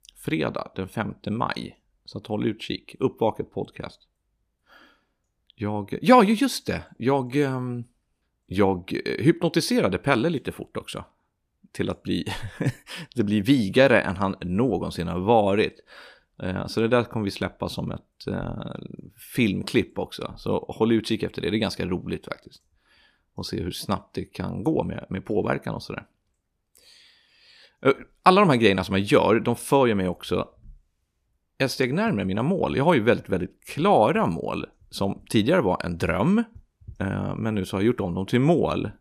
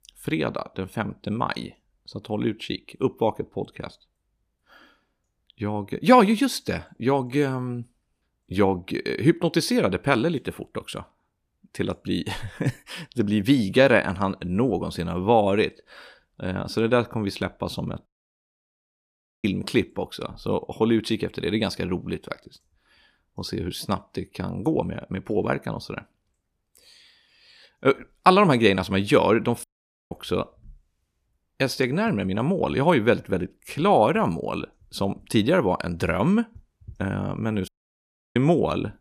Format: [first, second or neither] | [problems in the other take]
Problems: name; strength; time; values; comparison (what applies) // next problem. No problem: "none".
first | audio cutting out; at 18 s for 1.5 s, at 30 s and at 38 s for 0.5 s